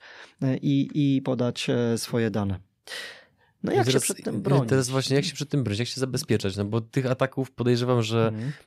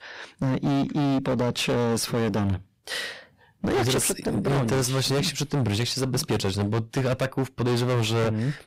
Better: first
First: none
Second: distortion; heavy; 27% of the sound clipped

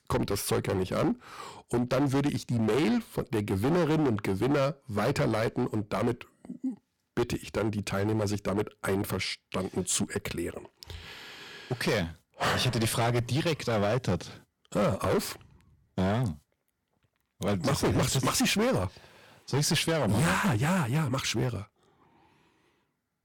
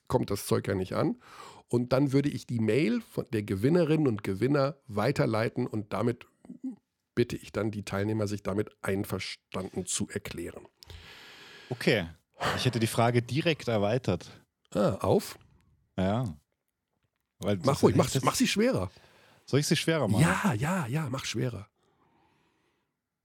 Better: second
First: distortion; heavy; 13% of the sound clipped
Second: none

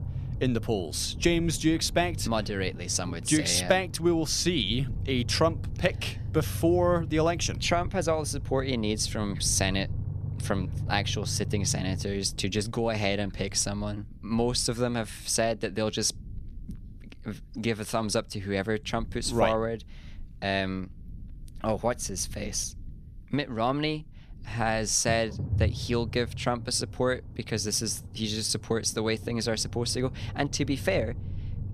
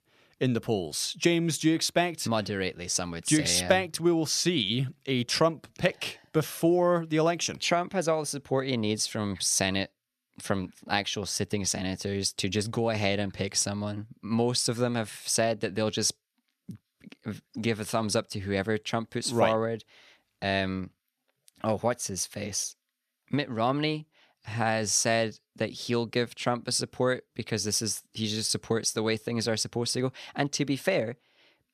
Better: second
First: low rumble; faint; throughout; 20 dB below the speech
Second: none

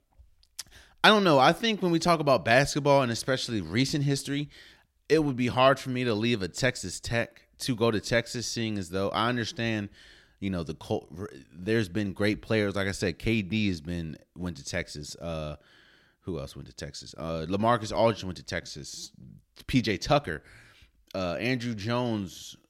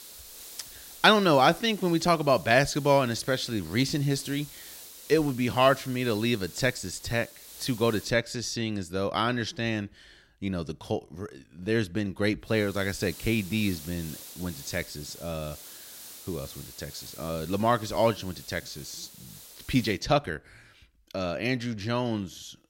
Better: first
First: none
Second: hiss; noticeable; until 8 s and from 12 to 20 s; 15 dB below the speech

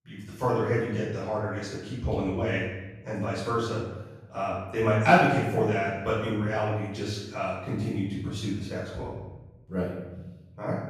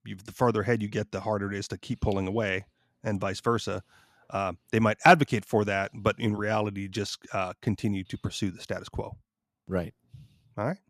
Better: second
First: off-mic speech; far // room echo; noticeable; dies away in 0.9 s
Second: none

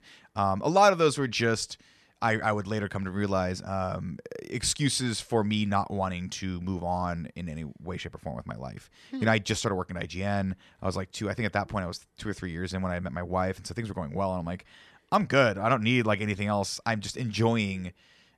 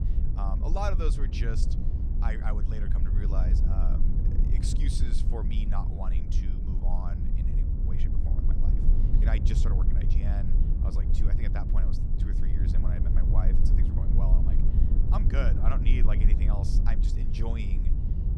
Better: first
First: none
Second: low rumble; loud; throughout; 3 dB below the speech

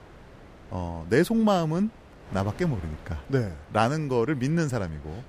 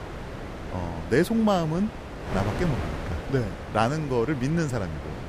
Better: first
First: wind noise on the microphone; occasional gusts; 20 dB below the speech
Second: wind noise on the microphone; heavy; 9 dB below the speech

